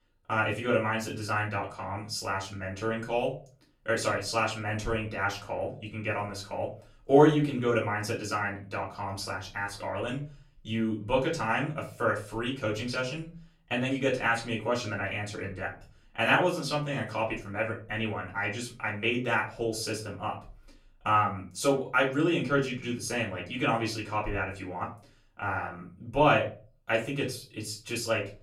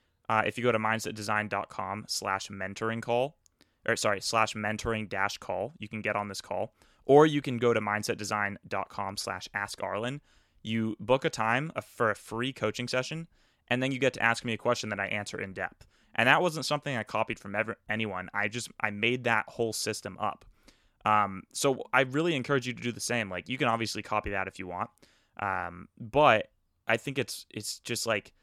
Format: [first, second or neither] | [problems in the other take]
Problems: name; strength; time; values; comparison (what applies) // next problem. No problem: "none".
second | room echo; slight; dies away in 0.3 s // off-mic speech; far